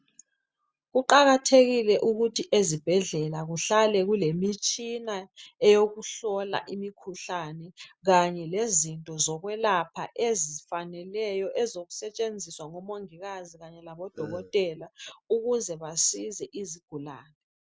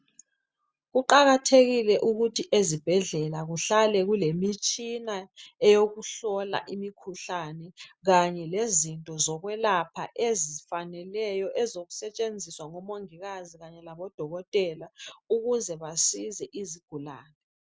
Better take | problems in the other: second | background sound (Burping, eructation); 15 dB below the speech

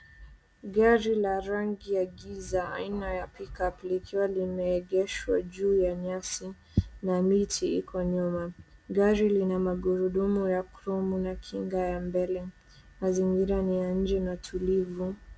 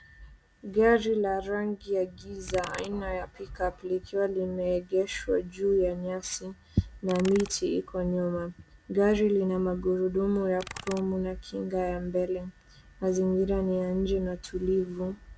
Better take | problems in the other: first | background sound (Computer keyboard); 18 dB below the speech

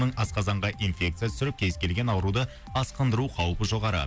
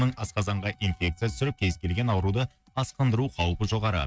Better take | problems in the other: first | noise reduction (neural mask model RNNoise)

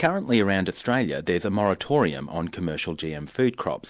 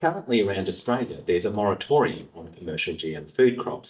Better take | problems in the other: first | noise reduction (neural mask model DeepFilterNet 3)

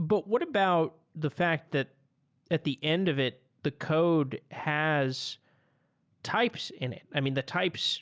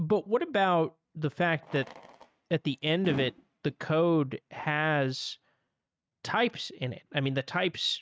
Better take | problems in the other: first | noise reduction (neural mask model RNNoise)

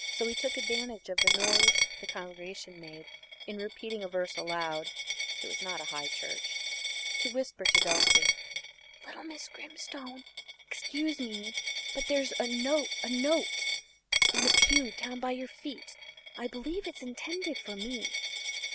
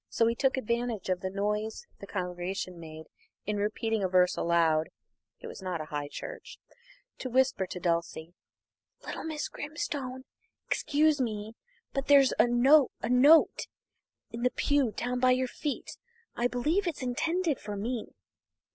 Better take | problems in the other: second | background sound (Coin (dropping)); 4 dB above the speech

